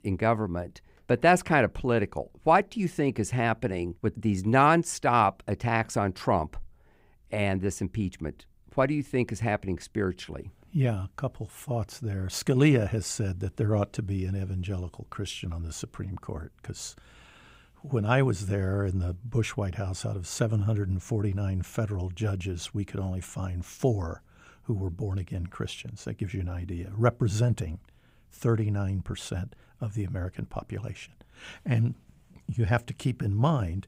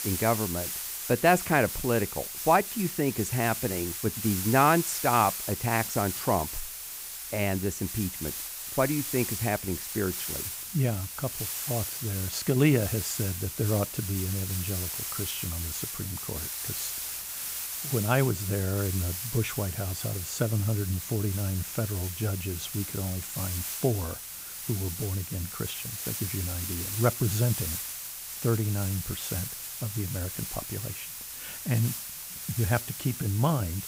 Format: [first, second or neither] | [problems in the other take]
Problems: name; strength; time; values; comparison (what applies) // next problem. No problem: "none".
first | hiss; loud; throughout; 4 dB below the speech